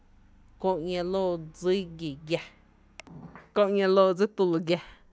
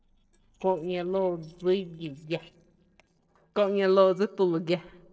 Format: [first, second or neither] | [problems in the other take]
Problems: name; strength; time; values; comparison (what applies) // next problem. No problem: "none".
first | noise reduction (neural separator model SepFormer DNS4)